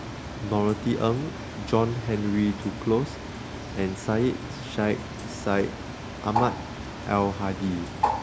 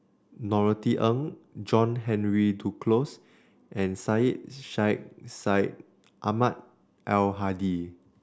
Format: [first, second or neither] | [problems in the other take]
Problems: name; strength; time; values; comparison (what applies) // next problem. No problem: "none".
second | background sound (Bird); 6 dB below the speech